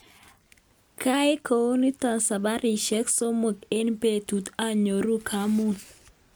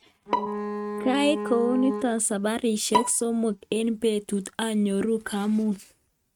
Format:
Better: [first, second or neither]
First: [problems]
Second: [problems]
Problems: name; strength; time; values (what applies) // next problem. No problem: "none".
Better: first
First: none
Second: noise reduction (neural mask model RNNoise)